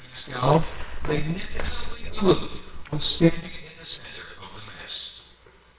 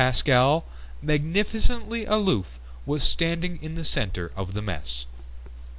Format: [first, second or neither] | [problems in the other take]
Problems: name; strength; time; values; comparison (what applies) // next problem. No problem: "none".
second | noise reduction (neural separator model SepFormer WHAMR!)